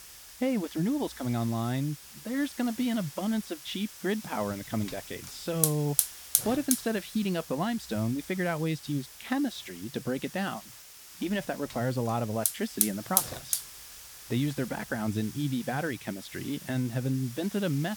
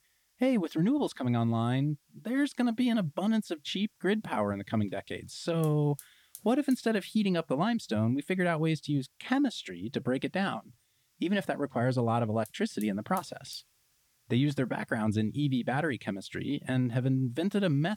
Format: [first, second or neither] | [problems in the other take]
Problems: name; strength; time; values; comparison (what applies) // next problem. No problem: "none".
second | hiss; loud; throughout; 2 dB below the speech; faint in the second